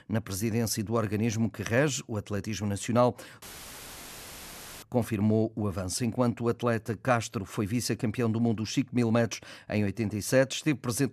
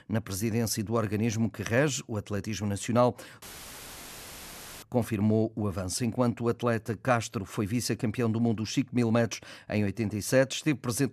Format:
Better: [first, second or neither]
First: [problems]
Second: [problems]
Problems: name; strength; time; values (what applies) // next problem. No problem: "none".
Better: neither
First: audio cutting out; filled with static; at 3.5 s for 1.5 s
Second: audio cutting out; filled with static; at 3.5 s for 1.5 s